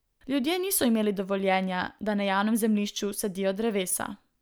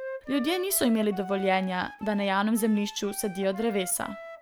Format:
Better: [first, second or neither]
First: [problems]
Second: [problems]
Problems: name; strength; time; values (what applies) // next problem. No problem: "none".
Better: first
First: none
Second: background sound (Wind instrument, woodwind instrument); 14 dB below the speech